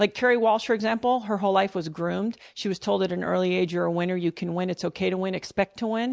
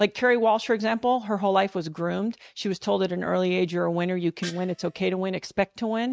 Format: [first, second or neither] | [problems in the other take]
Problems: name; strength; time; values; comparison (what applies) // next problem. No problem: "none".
first | noise reduction (neural mask model RNNoise)